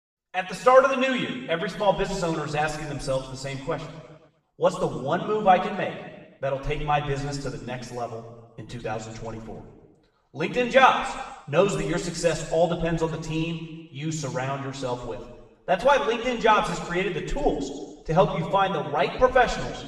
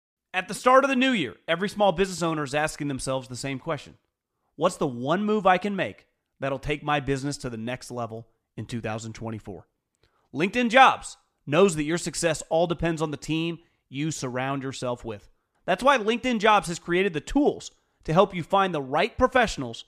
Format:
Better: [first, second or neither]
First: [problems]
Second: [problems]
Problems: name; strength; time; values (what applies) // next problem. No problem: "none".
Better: second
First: room echo; noticeable; dies away in 1.1 s // off-mic speech; far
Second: none